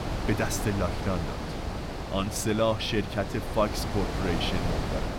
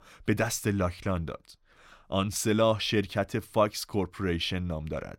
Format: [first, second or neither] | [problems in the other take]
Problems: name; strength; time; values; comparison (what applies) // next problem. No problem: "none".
second | wind noise on the microphone; heavy; 5 dB below the speech